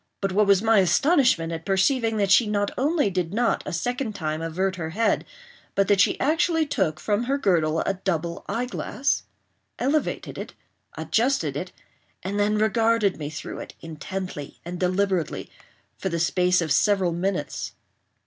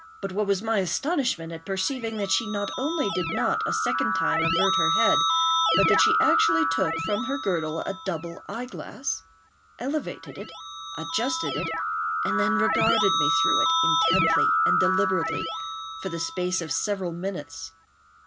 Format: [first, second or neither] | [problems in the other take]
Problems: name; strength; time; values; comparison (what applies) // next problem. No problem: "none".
first | background sound (Keyboard (musical)); 2 dB above the speech